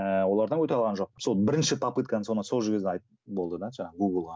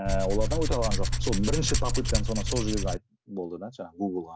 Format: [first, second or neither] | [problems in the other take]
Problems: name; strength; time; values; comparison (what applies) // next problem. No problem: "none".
first | background sound (Tools); 5 dB above the speech